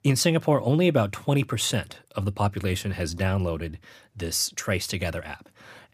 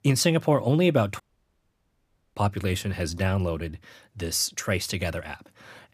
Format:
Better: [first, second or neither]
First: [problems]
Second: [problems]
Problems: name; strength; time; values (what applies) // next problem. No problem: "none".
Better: first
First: none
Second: audio cutting out; at 1 s for 1 s